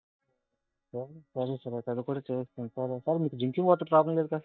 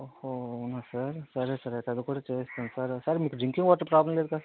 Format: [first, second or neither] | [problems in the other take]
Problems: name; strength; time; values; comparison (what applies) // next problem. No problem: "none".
second | noise reduction (neural mask model DeepFilterNet 3)